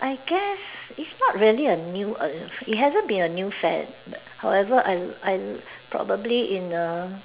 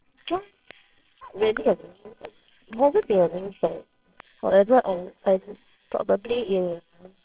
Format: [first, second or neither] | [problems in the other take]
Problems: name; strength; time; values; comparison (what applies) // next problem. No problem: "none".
first | noise reduction (neural separator model SepFormer WHAMR!)